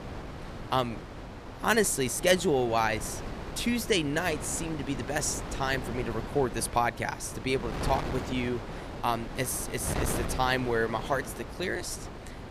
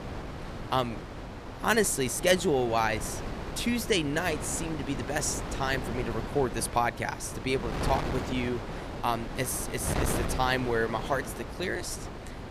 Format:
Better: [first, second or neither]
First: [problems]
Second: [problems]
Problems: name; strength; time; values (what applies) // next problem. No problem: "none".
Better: first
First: wind noise on the microphone; occasional gusts; 10 dB below the speech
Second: wind noise on the microphone; heavy; 9 dB below the speech